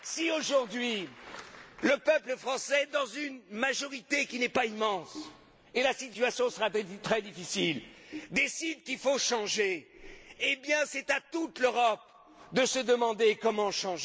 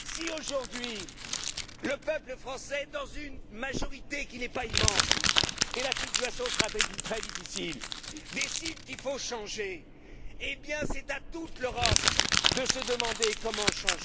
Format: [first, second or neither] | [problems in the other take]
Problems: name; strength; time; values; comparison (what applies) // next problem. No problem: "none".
first | background sound (Crumpling, crinkling); 4 dB above the speech